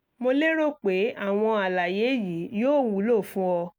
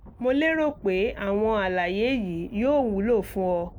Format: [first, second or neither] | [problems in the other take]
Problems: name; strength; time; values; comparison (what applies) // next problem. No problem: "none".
first | background sound (Thunder); 18 dB below the speech